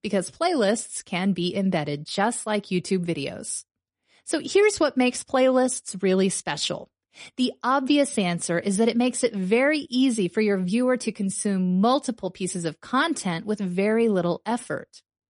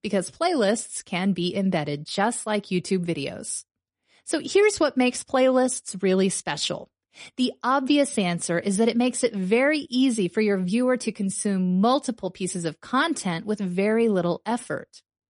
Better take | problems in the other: neither | garbled, watery; slightly; nothing above 10.5 kHz; the same in both

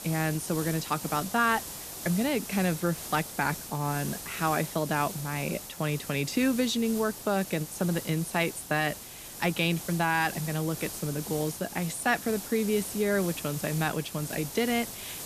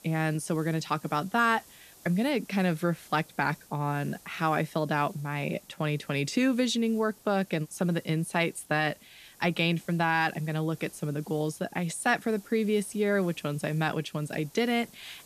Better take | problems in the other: second | hiss; loud; throughout; 9 dB below the speech; faint in the second

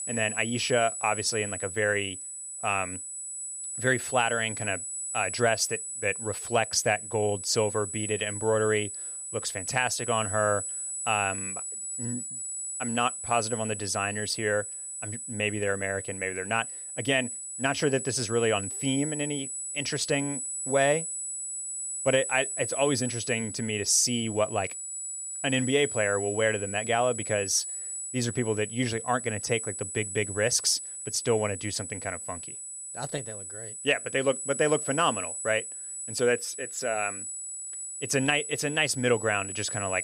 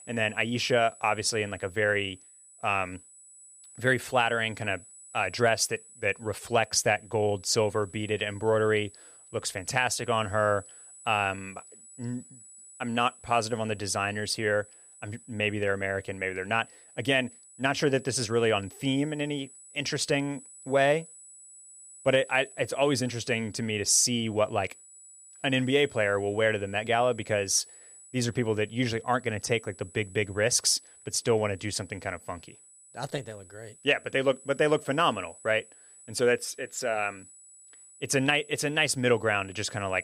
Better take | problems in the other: second | high-pitched whine; loud; throughout; 8 kHz, 6 dB below the speech; faint in the second

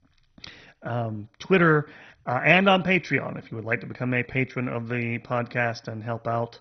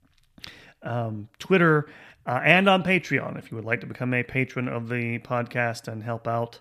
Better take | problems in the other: second | garbled, watery; badly; nothing above 6 kHz

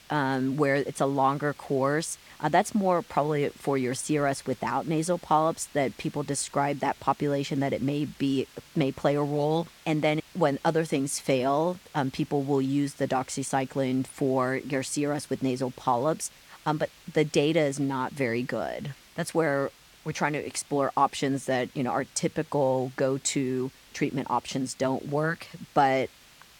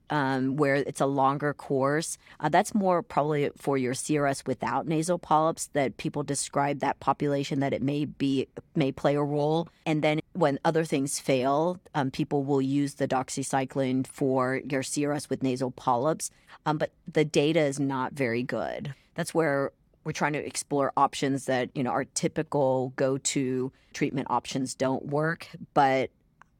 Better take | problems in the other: second | hiss; faint; throughout; 25 dB below the speech

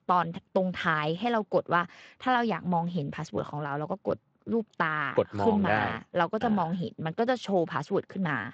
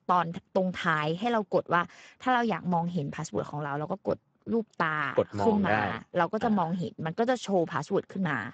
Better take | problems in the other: first | garbled, watery; badly; nothing above 7.5 kHz; slightly in the first

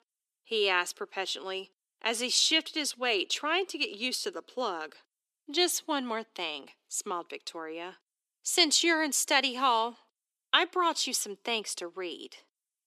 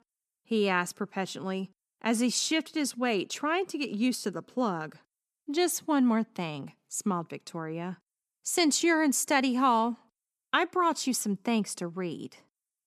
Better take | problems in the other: second | thin; somewhat; fading below 350 Hz

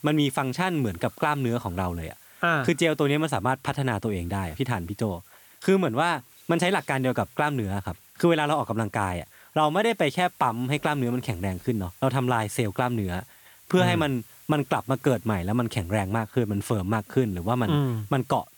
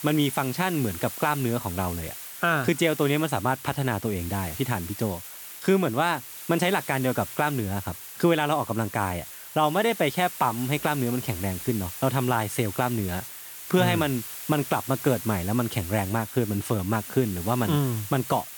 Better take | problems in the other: first | hiss; loud; throughout; 10 dB below the speech; faint in the first

